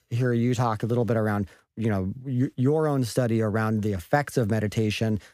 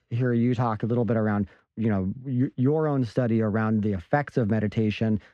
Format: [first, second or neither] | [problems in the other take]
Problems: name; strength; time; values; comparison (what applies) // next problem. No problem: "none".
first | muffled; slightly; fading above 3 kHz